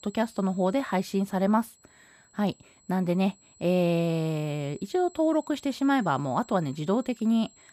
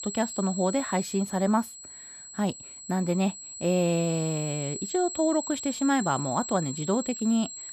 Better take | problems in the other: first | high-pitched whine; loud; throughout; 7.5 kHz, 8 dB below the speech; faint in the first

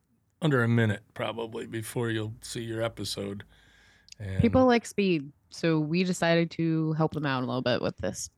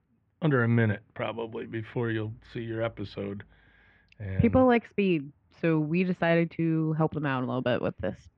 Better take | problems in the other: first | muffled; very; fading above 2.5 kHz

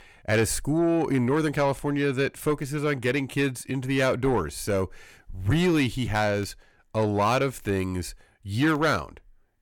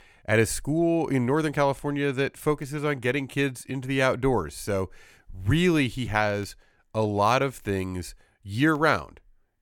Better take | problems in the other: second | distortion; slight; 10 dB below the speech

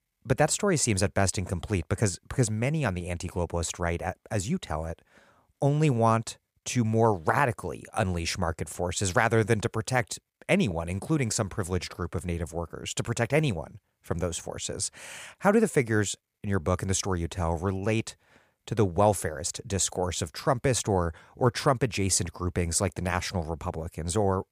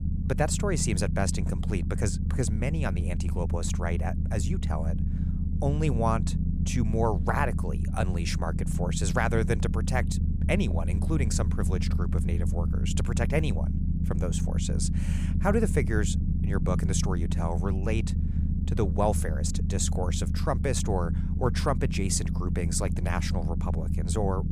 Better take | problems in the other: first | low rumble; loud; throughout; 9 dB below the speech

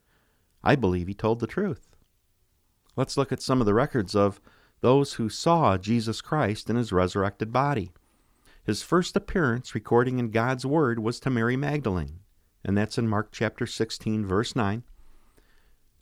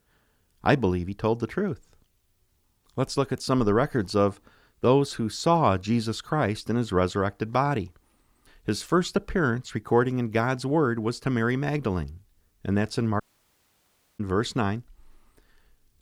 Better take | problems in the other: first | audio cutting out; at 13 s for 1 s

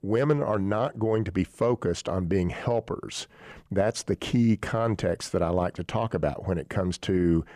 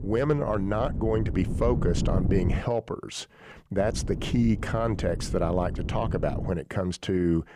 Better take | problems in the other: first | wind noise on the microphone; occasional gusts; until 2.5 s and from 4 to 6.5 s; 10 dB below the speech

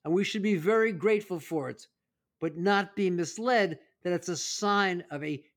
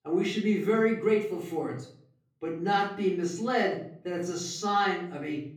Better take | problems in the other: first | room echo; slight; dies away in 0.5 s // off-mic speech; far

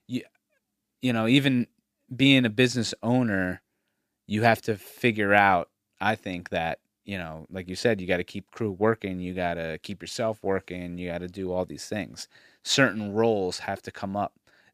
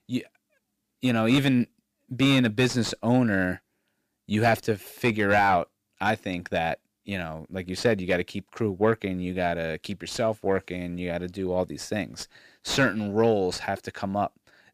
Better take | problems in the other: first | distortion; slight; 10 dB below the speech

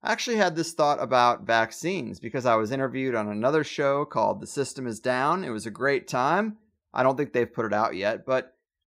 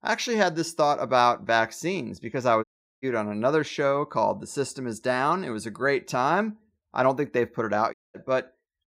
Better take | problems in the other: first | audio cutting out; at 2.5 s and at 8 s

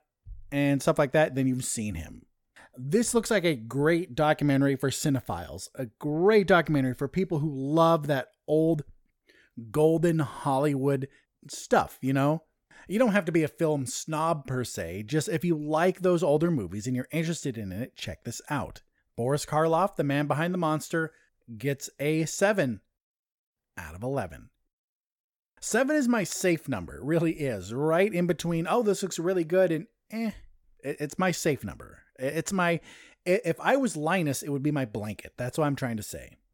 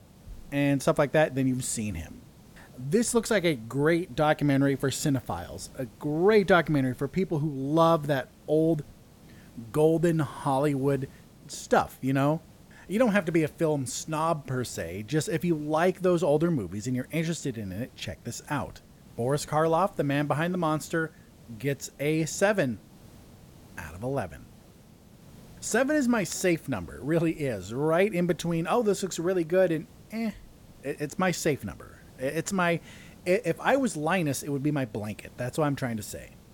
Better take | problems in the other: first | hiss; faint; throughout; 25 dB below the speech

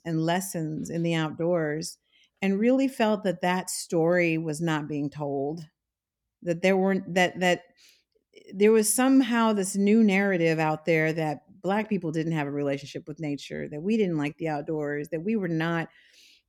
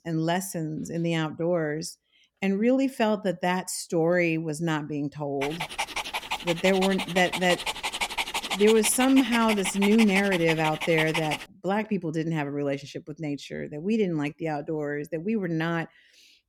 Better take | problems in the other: first | dog barking; noticeable; from 5.5 to 11 s; peak 1 dB below the speech

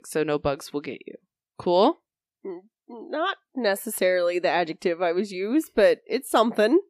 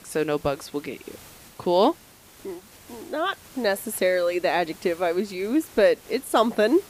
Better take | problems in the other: first | hiss; faint; throughout; 25 dB below the speech

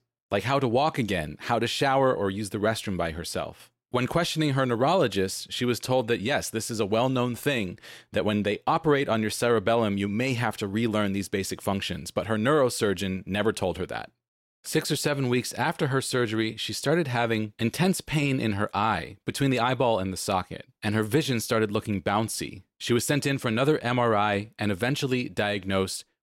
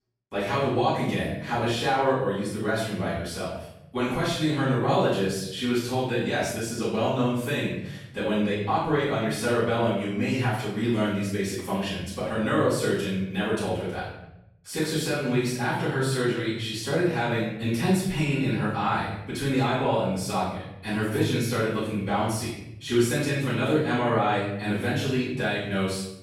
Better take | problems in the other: first | off-mic speech; far // room echo; noticeable; dies away in 0.8 s

